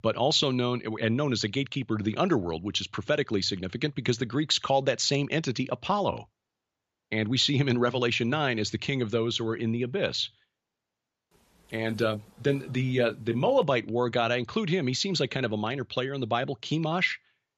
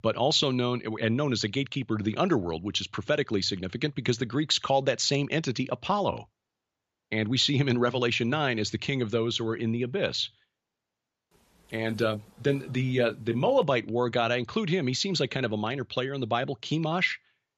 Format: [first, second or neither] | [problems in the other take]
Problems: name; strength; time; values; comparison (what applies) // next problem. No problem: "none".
neither | none